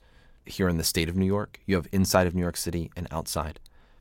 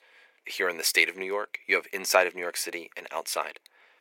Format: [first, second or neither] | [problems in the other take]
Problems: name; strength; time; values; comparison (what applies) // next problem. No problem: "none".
first | thin; very; fading below 400 Hz